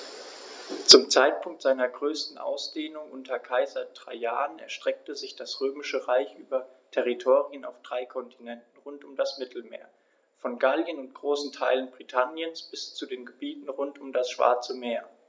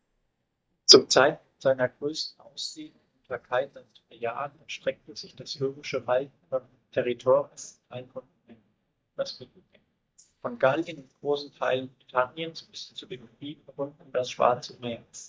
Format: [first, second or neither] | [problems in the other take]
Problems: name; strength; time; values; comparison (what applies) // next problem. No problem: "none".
first | noise reduction (neural mask model DeepFilterNet 3)